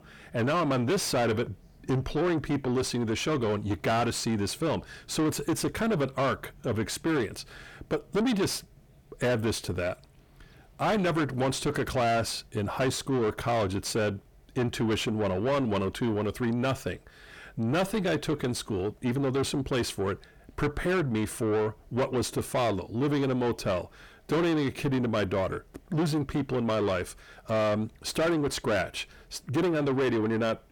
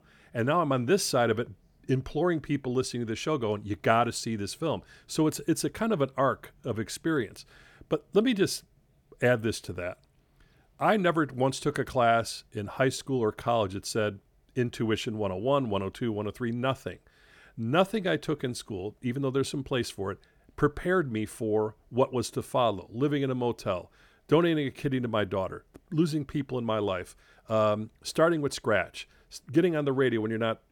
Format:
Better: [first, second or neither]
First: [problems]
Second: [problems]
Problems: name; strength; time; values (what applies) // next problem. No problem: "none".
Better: second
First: distortion; heavy; 6 dB below the speech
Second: none